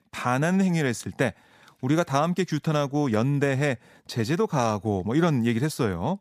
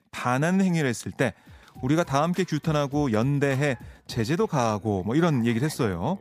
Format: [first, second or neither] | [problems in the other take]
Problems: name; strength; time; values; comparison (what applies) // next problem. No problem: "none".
first | background music; faint; from 1.5 s on; 20 dB below the speech